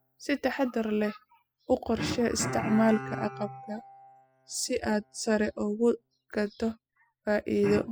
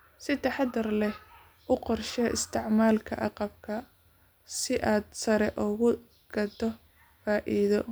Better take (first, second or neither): second